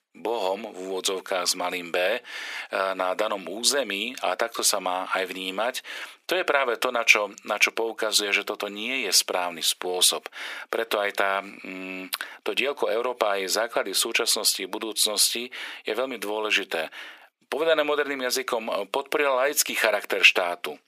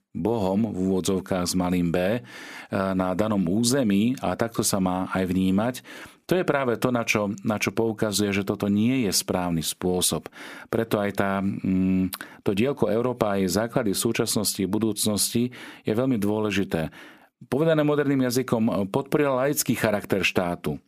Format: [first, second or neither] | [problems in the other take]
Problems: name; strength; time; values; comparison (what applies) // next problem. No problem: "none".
second | thin; very; fading below 450 Hz